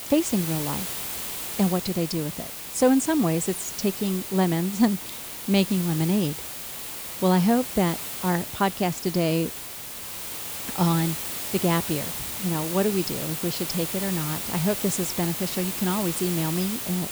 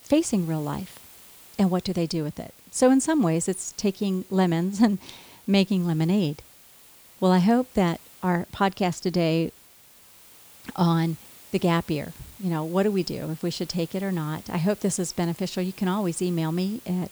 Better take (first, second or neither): second